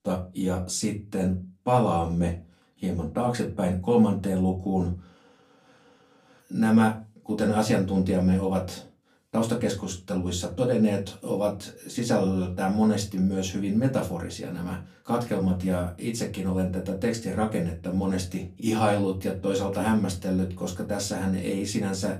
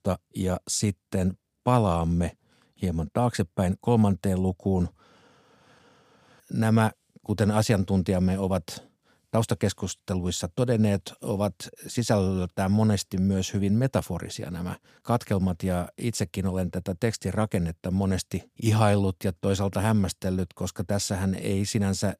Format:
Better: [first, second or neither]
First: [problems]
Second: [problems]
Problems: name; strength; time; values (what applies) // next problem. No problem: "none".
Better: second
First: off-mic speech; far // room echo; very slight; dies away in 0.2 s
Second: none